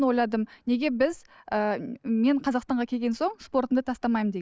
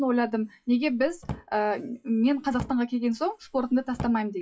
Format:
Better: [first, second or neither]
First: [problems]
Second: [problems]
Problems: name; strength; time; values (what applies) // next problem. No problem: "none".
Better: first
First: none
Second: noise reduction (classical method WPE with log-MMSE)